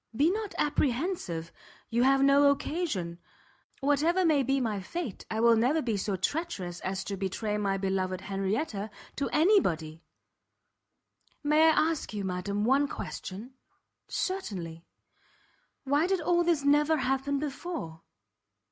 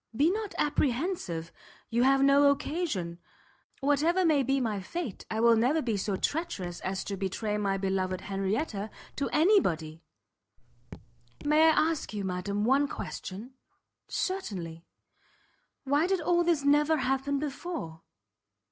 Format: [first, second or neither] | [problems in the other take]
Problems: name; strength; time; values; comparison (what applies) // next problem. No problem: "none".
first | noise reduction (neural separator model SepFormer DNS4)